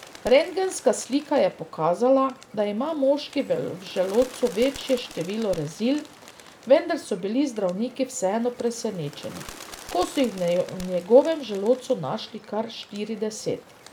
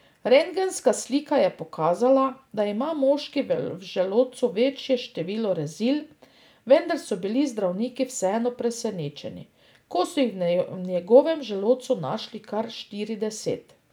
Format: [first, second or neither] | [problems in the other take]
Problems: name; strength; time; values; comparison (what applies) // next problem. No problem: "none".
second | background sound (Bird); 20 dB below the speech